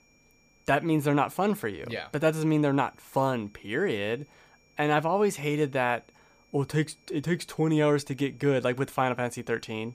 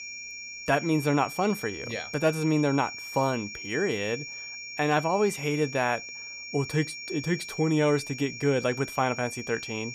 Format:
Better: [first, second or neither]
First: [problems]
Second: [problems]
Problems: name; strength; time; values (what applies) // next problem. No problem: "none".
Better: first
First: high-pitched whine; faint; throughout; 2.5 kHz, 35 dB below the speech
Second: high-pitched whine; loud; throughout; 2.5 kHz, 9 dB below the speech